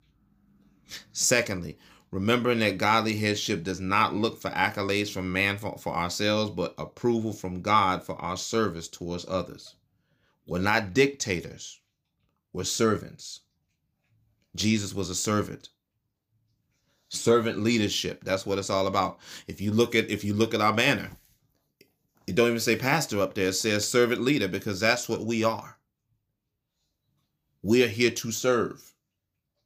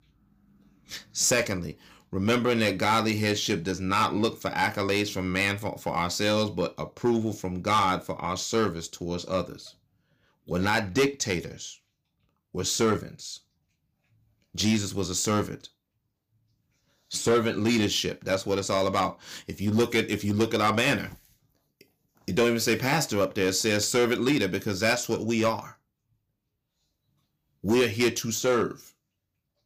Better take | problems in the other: first | distortion; slight; 3% of the sound clipped

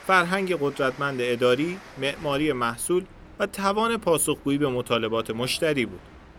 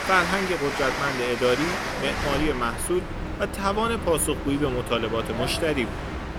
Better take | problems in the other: first | train or aircraft noise; loud; throughout; 4 dB below the speech; faint in the first

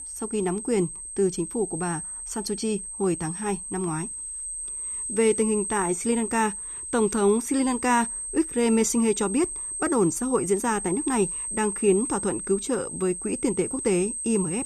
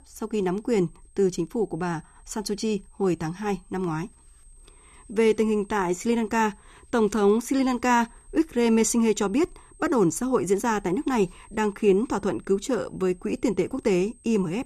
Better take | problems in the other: second | high-pitched whine; loud; throughout; 8.5 kHz, 5 dB below the speech; faint in the second

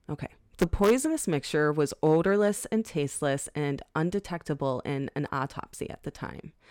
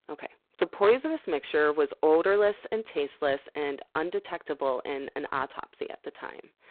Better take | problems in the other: first | phone-call audio; poor line; nothing above 4 kHz

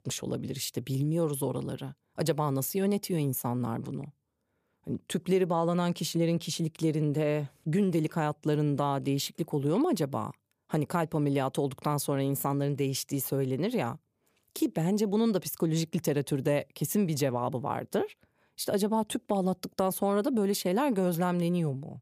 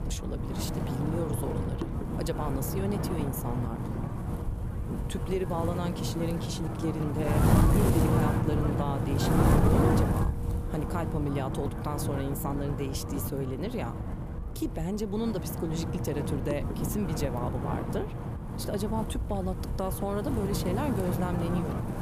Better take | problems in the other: first | wind noise on the microphone; heavy; as loud as the speech

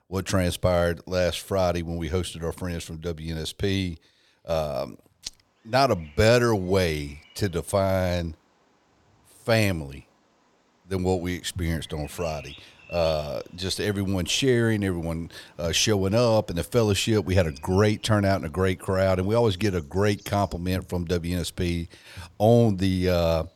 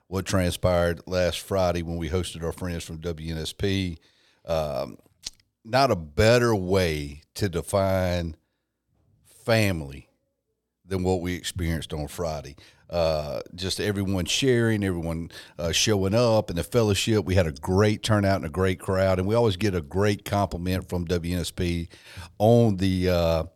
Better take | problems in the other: second | animal sounds; faint; from 5.5 s on; 25 dB below the speech

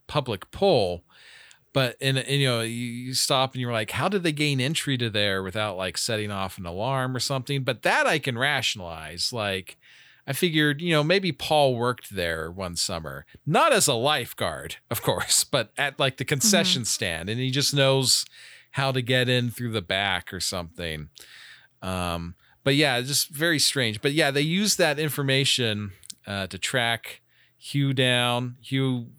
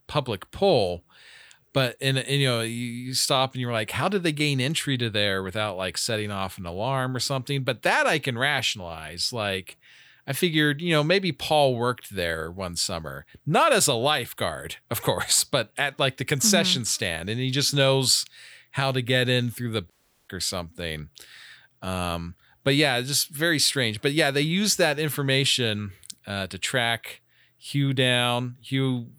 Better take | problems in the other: first | audio cutting out; at 20 s

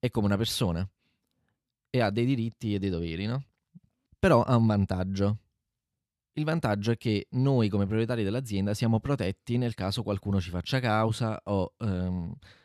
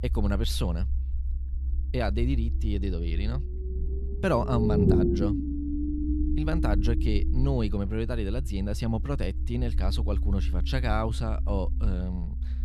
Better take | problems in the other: first | low rumble; loud; throughout; 2 dB below the speech

